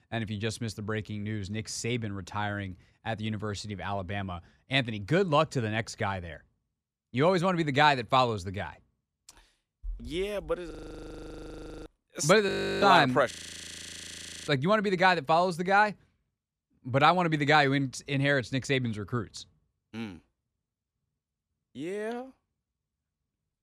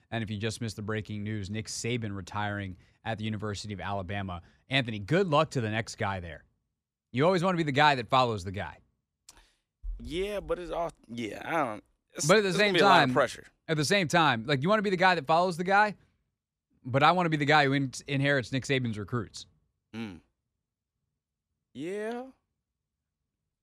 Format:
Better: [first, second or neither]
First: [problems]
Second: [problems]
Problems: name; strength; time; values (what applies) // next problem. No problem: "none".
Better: second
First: audio freezing; at 11 s for 1 s, at 12 s and at 13 s for 1 s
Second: none